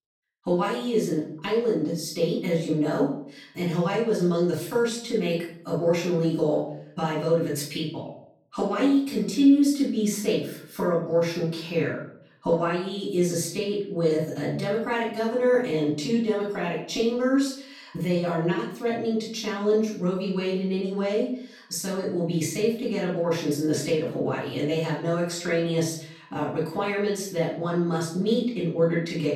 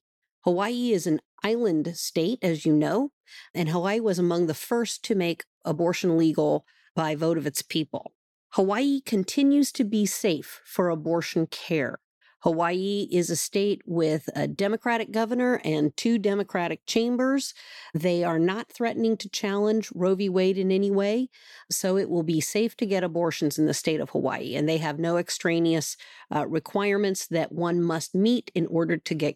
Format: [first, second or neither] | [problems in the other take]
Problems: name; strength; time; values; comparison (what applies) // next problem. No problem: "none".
second | off-mic speech; far // room echo; noticeable; dies away in 0.5 s